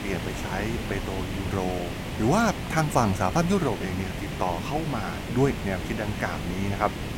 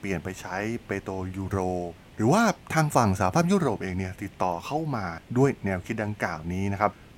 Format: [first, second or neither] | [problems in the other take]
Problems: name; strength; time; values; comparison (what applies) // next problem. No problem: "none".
second | hiss; loud; throughout; 5 dB below the speech; faint in the second